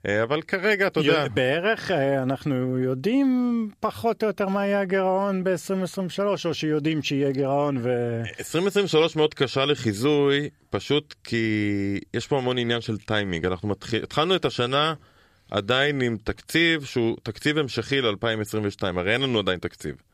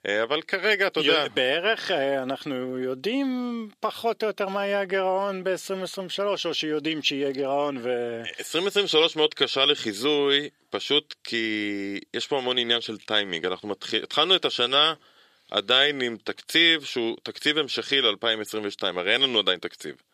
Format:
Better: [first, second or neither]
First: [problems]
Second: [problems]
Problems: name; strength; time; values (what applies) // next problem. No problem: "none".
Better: first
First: none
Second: thin; very slightly; fading below 300 Hz